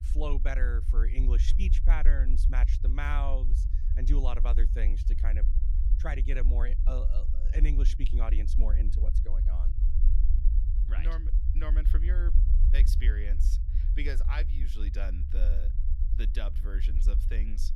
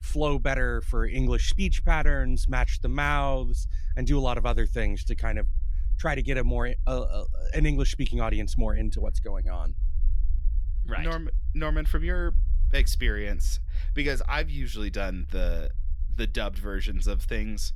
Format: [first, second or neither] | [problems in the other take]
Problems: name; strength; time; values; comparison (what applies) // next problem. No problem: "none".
second | low rumble; loud; throughout; 9 dB below the speech; faint in the second